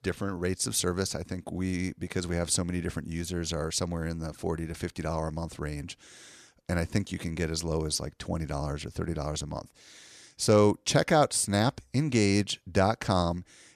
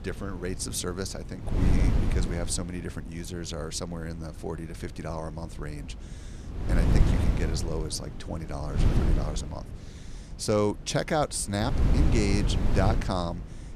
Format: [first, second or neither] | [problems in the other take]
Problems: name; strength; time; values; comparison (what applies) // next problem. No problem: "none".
first | wind noise on the microphone; heavy; 5 dB below the speech